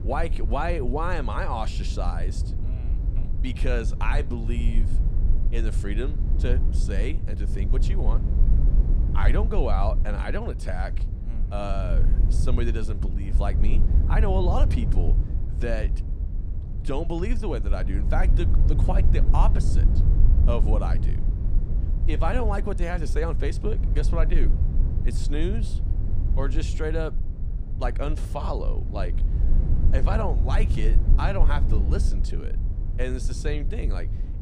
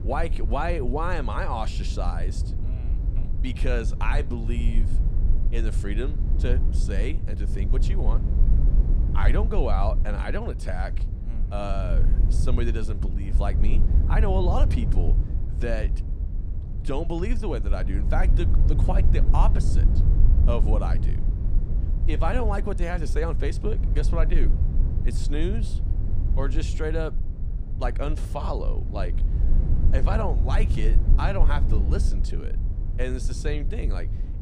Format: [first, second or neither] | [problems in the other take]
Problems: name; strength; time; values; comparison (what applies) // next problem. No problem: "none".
neither | low rumble; loud; throughout; 10 dB below the speech; the same in both